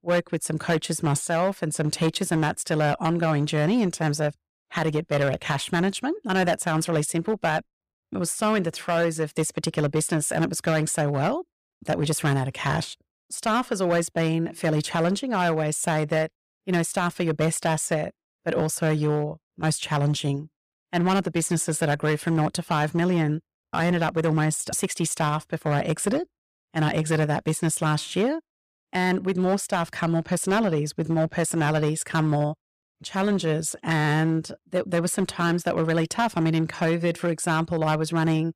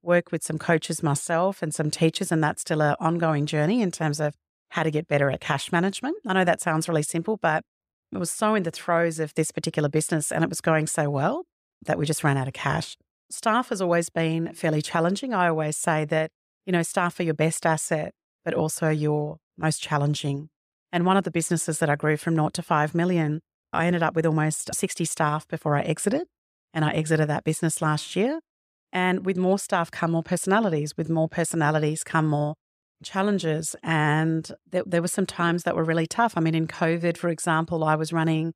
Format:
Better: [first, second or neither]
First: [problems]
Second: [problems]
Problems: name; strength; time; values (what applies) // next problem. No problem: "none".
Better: second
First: distortion; slight; 8% of the sound clipped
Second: none